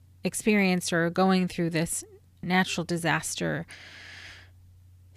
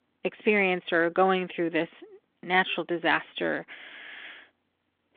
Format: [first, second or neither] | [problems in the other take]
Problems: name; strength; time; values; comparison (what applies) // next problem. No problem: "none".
first | phone-call audio